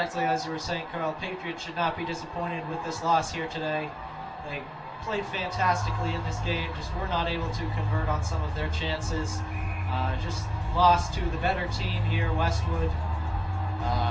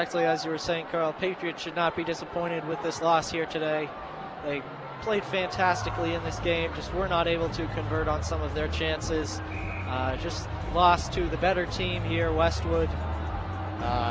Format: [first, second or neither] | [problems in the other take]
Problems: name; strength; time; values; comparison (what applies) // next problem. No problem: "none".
second | room echo; dies away in 0.3 s